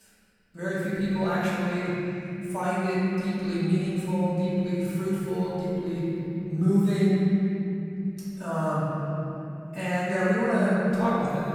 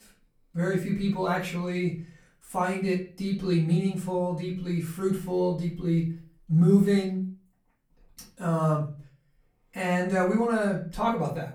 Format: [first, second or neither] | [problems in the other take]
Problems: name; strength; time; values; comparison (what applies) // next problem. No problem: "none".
second | room echo; strong; dies away in 3 s; slight in the second // off-mic speech; far; far in the second